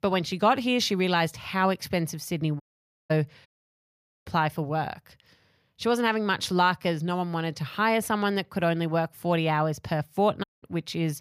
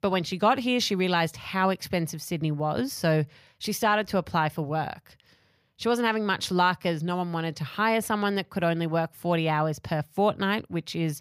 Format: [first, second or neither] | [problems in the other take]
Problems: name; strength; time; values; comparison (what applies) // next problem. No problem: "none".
second | audio cutting out; at 2.5 s, at 3.5 s for 1 s and at 10 s